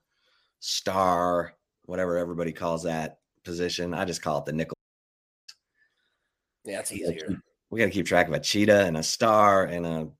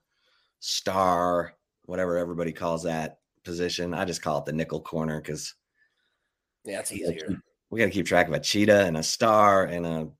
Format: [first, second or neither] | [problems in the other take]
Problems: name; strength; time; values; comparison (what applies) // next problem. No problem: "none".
second | audio cutting out; at 4.5 s for 0.5 s